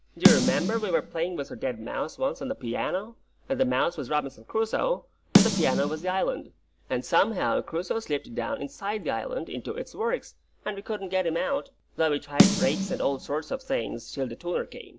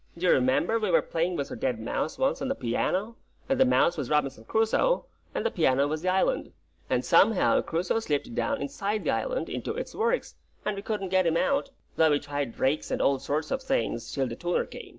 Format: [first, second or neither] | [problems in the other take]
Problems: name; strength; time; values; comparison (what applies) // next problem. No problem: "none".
second | background sound (Snare drum); 1 dB above the speech